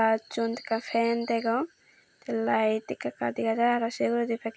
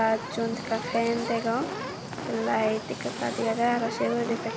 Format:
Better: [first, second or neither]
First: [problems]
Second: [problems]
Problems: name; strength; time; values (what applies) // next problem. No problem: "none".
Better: first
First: none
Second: background sound (Fire); 6 dB below the speech